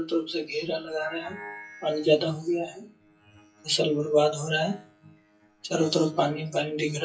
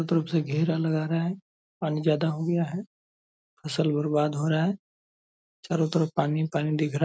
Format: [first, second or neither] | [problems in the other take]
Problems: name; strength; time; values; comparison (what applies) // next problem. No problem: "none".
second | noise reduction (classical method WPE with log-MMSE)